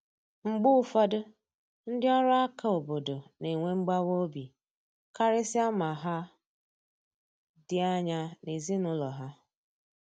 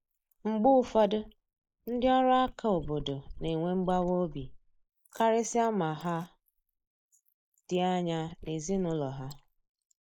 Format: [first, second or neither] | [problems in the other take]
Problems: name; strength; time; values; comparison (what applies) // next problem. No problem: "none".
first | noise reduction (neural mask model Resemble Enhance denoiser)